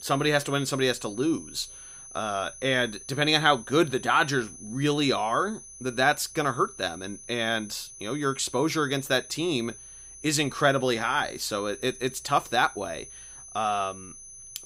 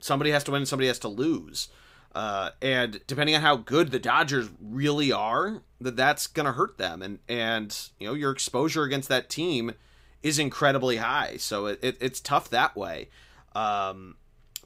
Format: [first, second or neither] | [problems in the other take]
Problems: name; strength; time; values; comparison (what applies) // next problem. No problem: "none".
second | high-pitched whine; noticeable; throughout; 6 kHz, 15 dB below the speech